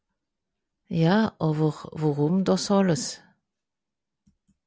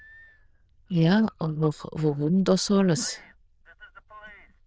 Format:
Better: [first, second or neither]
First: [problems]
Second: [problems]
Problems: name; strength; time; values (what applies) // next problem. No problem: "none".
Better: first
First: none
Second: noise reduction (neural diffusion model UNIVERSE++)